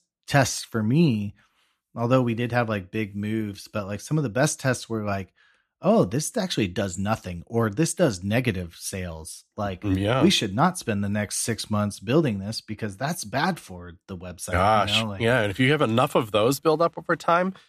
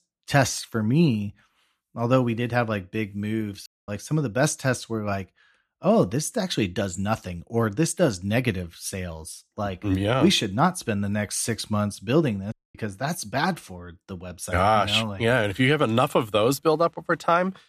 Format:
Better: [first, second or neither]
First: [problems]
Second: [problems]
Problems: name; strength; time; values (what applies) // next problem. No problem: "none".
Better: first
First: none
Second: audio cutting out; at 3.5 s and at 13 s